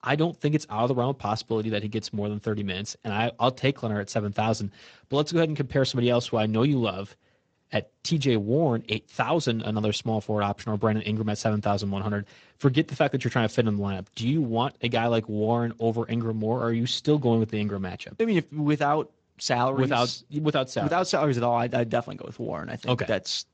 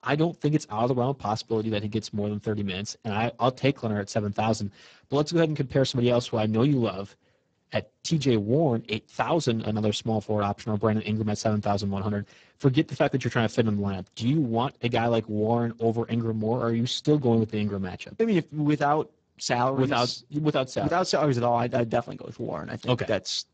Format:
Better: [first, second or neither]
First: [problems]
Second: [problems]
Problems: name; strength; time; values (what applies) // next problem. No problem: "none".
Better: first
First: garbled, watery; slightly; nothing above 7.5 kHz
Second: garbled, watery; badly; nothing above 7.5 kHz